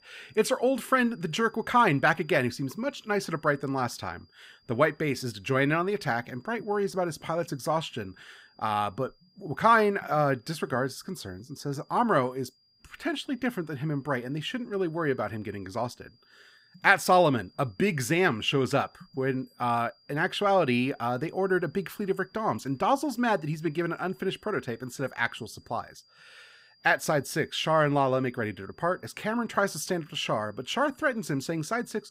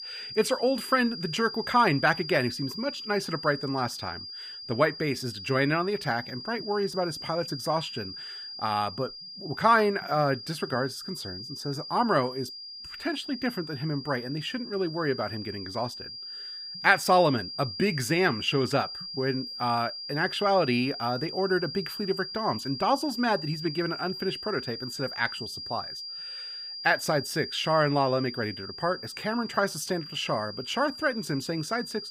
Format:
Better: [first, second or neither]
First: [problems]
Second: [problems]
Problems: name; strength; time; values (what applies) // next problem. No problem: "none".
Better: first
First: high-pitched whine; faint; throughout; 5 kHz, 35 dB below the speech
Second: high-pitched whine; loud; throughout; 5 kHz, 9 dB below the speech